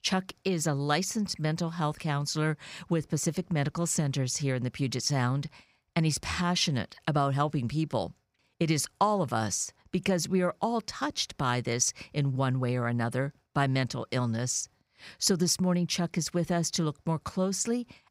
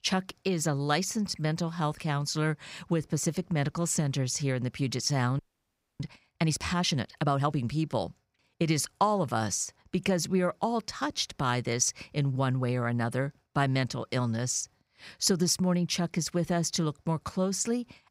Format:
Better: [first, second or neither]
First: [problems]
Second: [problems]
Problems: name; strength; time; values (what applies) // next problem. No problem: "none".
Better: first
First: none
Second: audio freezing; at 5.5 s for 0.5 s